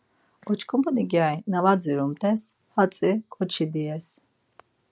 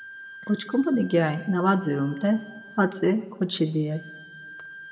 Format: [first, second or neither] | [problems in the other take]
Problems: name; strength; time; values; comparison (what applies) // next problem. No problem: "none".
first | background sound (Bowed string instrument); 19 dB below the speech // room echo; dies away in 1 s